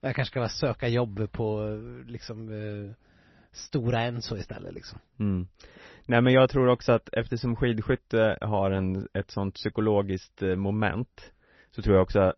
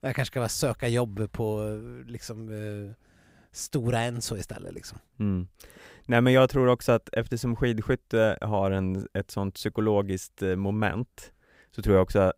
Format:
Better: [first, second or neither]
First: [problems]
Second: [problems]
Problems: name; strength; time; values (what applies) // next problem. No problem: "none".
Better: second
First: garbled, watery; slightly; nothing above 6 kHz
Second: none